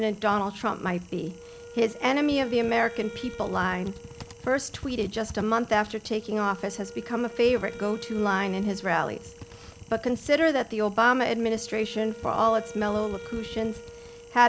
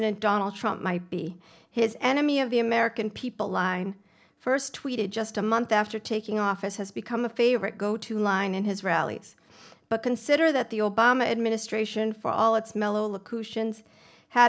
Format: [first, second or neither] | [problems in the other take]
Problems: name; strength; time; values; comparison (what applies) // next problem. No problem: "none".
second | background sound (Wind instrument, woodwind instrument + Typing); 16 dB below the speech